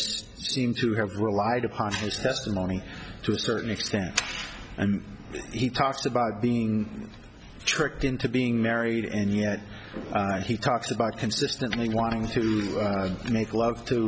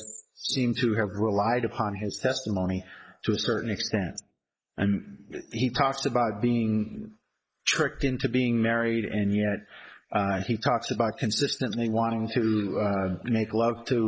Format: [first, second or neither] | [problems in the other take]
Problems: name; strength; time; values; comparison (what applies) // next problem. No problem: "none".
first | noise reduction (neural mask model Resemble Enhance denoiser)